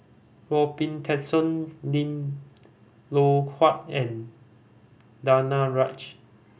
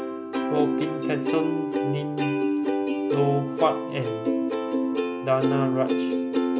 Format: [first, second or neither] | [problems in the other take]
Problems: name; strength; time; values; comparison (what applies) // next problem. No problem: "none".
first | background sound (Plucked string instrument); 3 dB above the speech